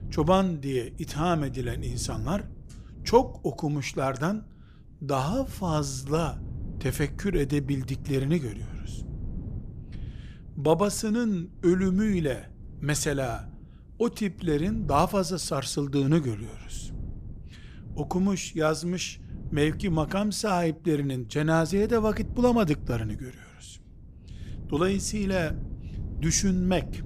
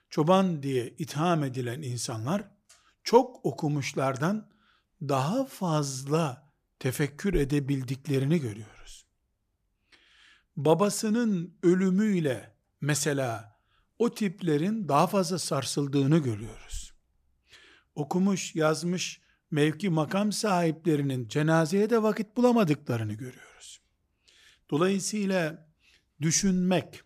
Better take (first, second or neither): second